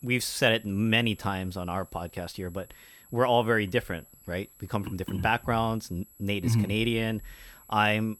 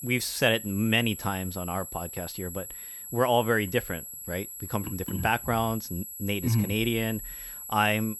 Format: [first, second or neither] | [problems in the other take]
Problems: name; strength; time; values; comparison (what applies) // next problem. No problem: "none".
first | high-pitched whine; loud; throughout; 11.5 kHz, 9 dB below the speech; faint in the first